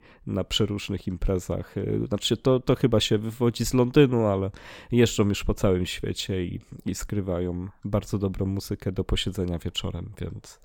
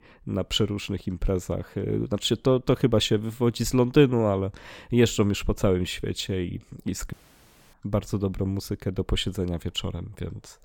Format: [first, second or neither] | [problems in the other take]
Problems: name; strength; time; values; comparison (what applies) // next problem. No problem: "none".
first | audio cutting out; at 7 s for 0.5 s